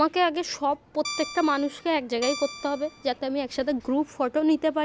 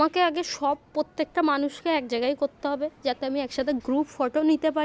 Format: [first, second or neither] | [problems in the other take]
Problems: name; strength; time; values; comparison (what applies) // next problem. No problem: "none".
second | background sound (Guitar); 12 dB below the speech